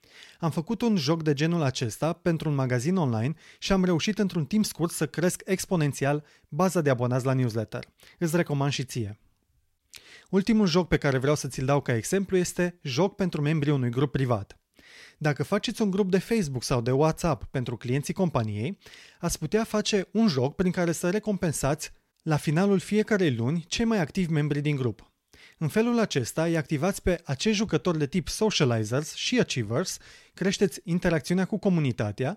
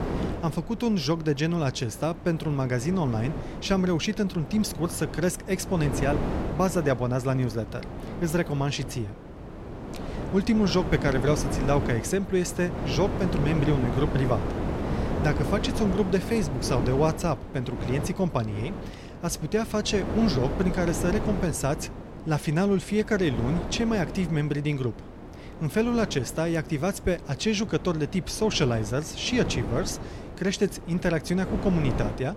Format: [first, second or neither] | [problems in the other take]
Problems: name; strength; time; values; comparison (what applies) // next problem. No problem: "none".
first | wind noise on the microphone; heavy; 8 dB below the speech